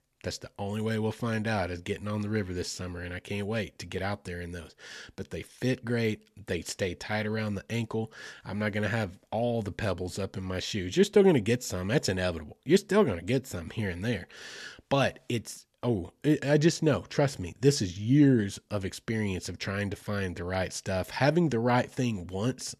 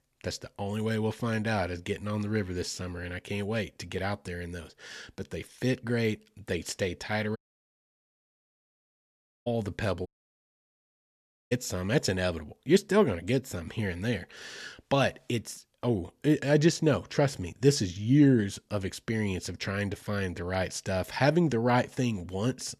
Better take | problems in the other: first | audio cutting out; at 7.5 s for 2 s and at 10 s for 1.5 s

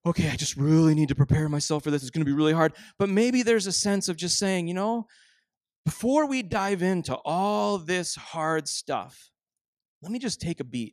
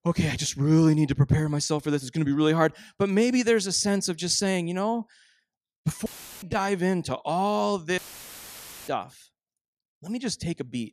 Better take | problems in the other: first | audio cutting out; filled with static; at 6 s and at 8 s for 1 s

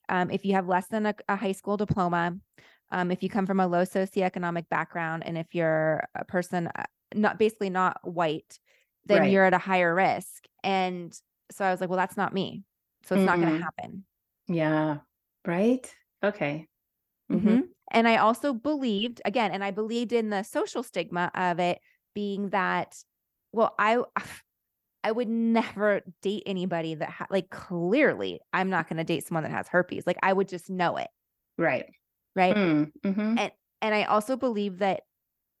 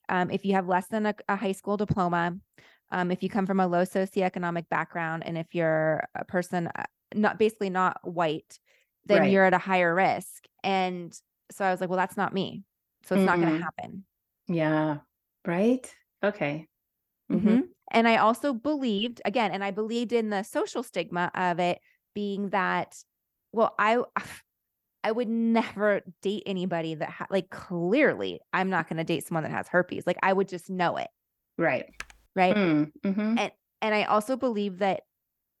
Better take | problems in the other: first | keyboard typing; faint; at 32 s; peak 15 dB below the speech

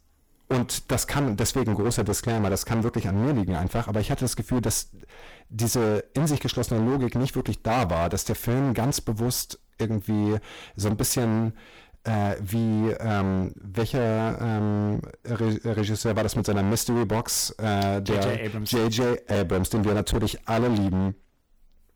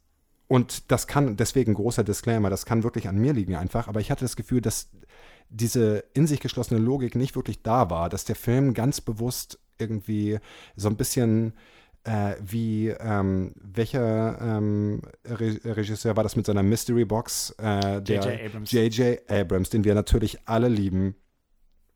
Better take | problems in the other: second | distortion; heavy; 21% of the sound clipped

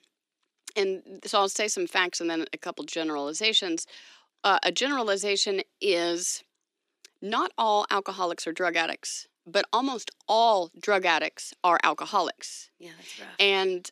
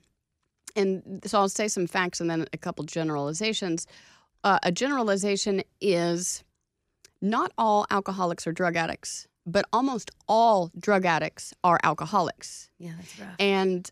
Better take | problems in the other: second | thin; somewhat; fading below 300 Hz

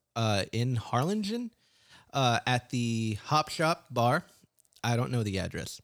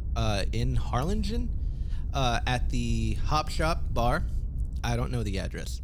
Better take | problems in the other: first | low rumble; noticeable; throughout; 20 dB below the speech

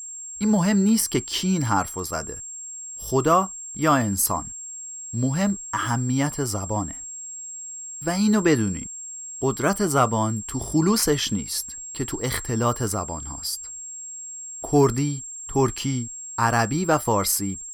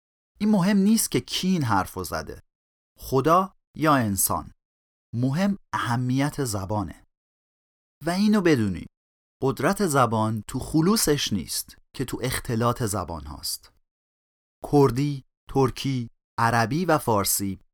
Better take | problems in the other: second | high-pitched whine; loud; throughout; 7.5 kHz, 10 dB below the speech

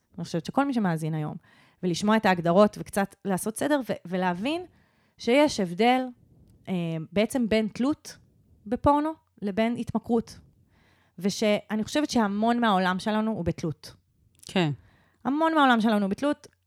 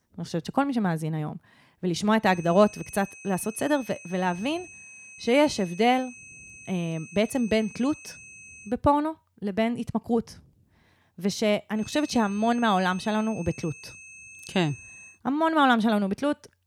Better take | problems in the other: first | high-pitched whine; noticeable; from 2.5 to 8.5 s and from 12 to 15 s; 2.5 kHz, 20 dB below the speech

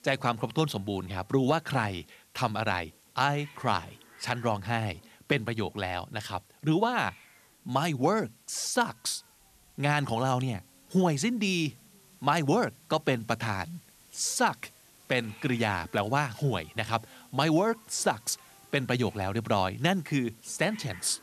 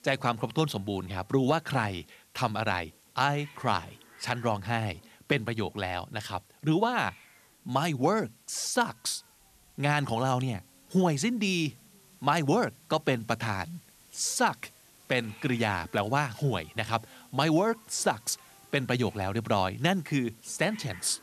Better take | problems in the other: neither | hiss; faint; throughout; 25 dB below the speech; the same in both

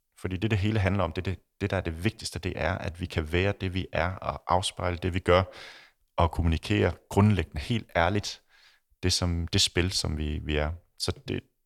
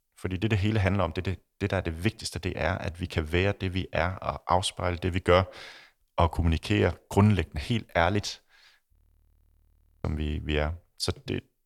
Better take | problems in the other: first | audio freezing; at 9 s for 1 s

